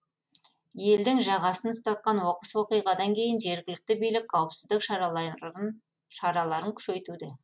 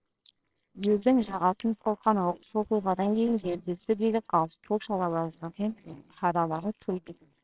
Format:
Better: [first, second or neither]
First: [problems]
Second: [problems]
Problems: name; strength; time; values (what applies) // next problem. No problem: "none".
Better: first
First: none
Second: noise reduction (neural separator model SepFormer WHAMR!)